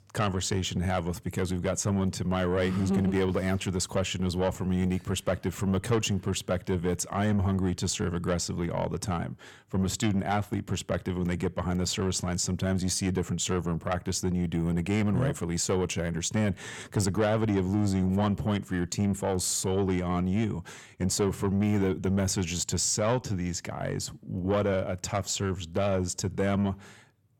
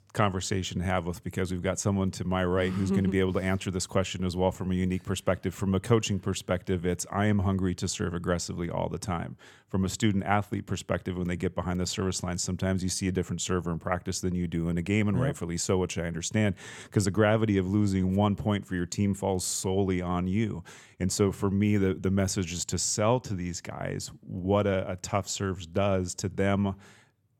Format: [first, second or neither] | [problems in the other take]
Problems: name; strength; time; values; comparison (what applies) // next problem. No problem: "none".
second | distortion; slight; 10 dB below the speech